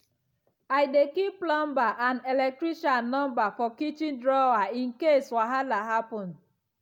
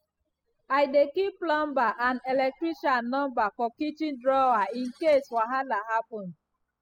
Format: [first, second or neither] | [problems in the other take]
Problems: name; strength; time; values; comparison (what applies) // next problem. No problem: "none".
first | noise reduction (classical method spectral subtraction)